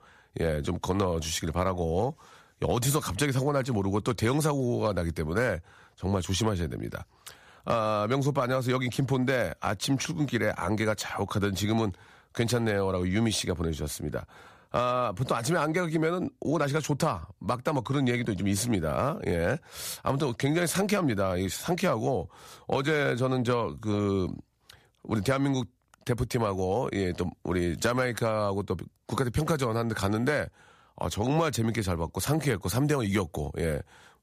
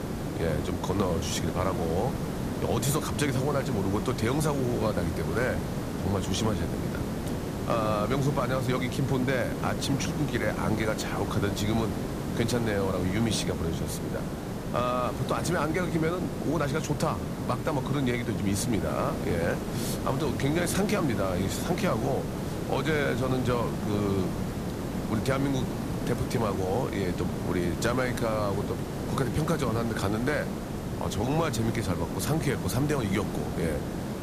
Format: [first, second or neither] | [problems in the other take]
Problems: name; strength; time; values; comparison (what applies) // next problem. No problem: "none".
first | hiss; loud; throughout; 3 dB below the speech